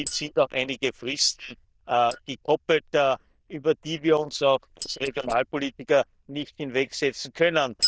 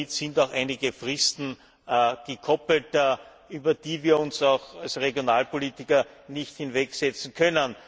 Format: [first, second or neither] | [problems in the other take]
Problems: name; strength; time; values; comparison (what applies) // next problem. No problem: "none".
second | noise reduction (neural diffusion model UNIVERSE++)